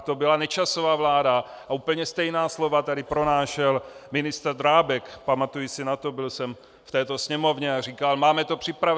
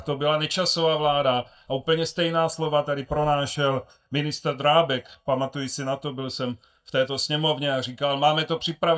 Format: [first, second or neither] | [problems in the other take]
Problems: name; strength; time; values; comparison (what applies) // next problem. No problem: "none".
first | noise reduction (neural mask model DeepFilterNet 3)